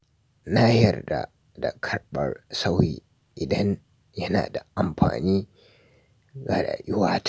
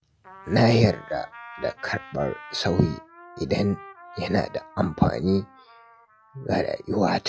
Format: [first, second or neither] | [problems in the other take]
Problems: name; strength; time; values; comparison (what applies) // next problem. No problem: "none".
first | noise reduction (classical method log-MMSE)